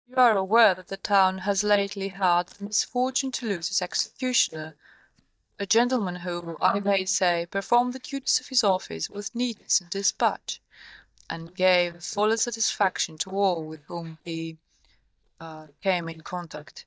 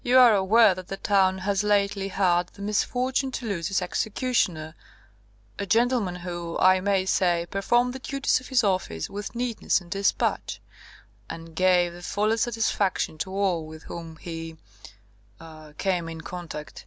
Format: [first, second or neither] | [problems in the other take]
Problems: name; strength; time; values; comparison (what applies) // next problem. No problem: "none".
second | noise reduction (neural mask model DeepFilterNet 3)